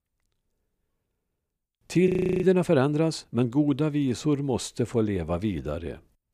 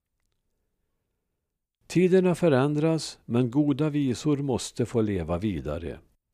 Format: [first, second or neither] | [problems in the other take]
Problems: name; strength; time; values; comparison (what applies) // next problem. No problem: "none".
second | audio freezing; at 2 s